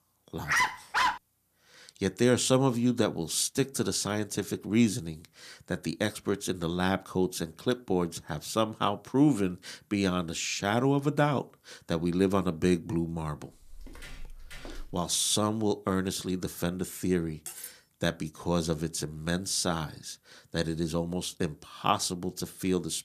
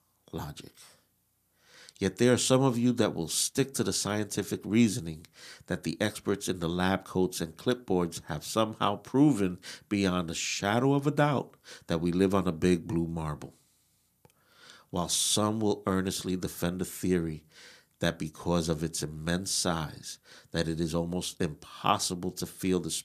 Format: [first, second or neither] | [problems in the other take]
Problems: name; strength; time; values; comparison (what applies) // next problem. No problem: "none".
second | dog barking; loud; at 0.5 s; peak 3 dB above the speech // footsteps; faint; from 14 to 15 s; peak 15 dB below the speech // clattering dishes; faint; at 17 s; peak 10 dB below the speech